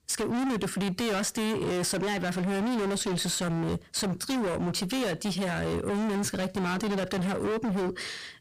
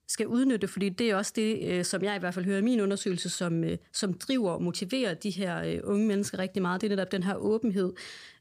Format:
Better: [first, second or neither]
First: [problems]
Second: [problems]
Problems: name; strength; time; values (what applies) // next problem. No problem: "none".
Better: second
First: distortion; heavy; 43% of the sound clipped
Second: none